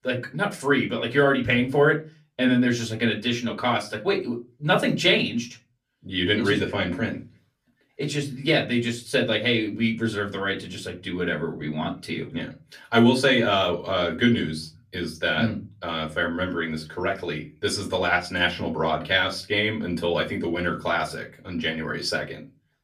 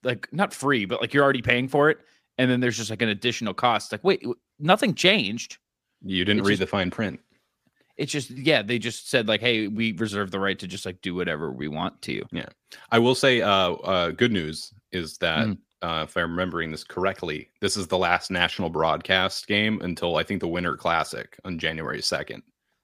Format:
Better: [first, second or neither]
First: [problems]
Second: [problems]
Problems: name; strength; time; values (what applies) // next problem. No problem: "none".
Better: second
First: off-mic speech; far // room echo; very slight; dies away in 0.3 s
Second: none